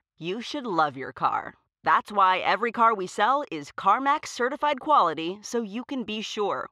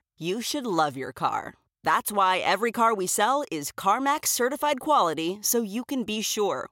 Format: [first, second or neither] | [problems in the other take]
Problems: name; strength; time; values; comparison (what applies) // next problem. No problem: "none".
second | muffled; slightly; fading above 3.5 kHz